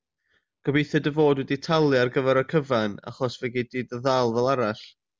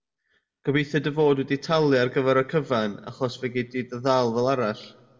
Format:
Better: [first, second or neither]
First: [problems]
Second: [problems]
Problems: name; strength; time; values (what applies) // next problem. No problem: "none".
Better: first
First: none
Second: room echo; dies away in 0.8 s